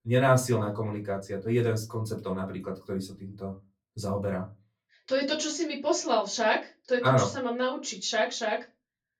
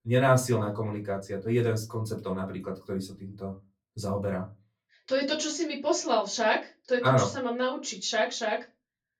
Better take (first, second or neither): neither